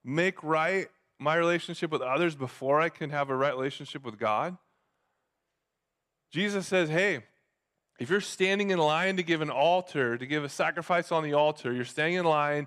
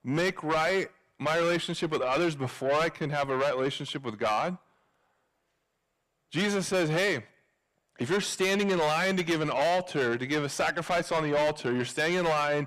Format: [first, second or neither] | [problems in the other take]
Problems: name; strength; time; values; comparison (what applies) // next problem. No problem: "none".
first | distortion; heavy; 7 dB below the speech